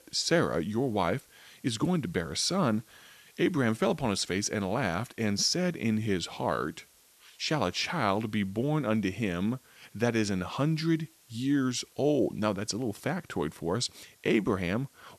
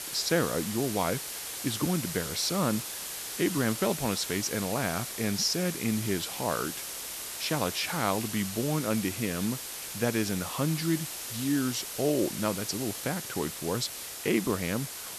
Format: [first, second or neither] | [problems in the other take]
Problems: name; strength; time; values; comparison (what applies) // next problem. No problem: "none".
first | hiss; loud; throughout; 5 dB below the speech; faint in the first